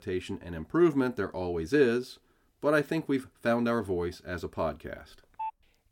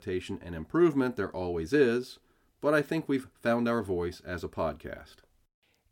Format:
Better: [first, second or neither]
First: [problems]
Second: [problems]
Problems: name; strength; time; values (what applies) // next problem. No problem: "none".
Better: second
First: phone ringing; noticeable; at 5.5 s; peak 10 dB below the speech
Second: none